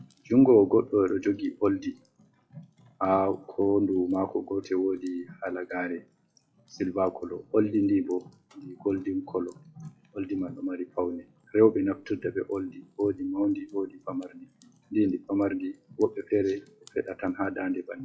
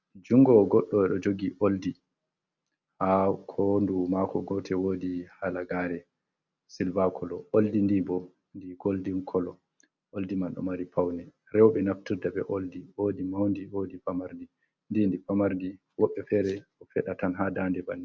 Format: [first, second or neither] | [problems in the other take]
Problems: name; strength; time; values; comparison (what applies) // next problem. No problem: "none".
second | noise reduction (classical method WPE with log-MMSE)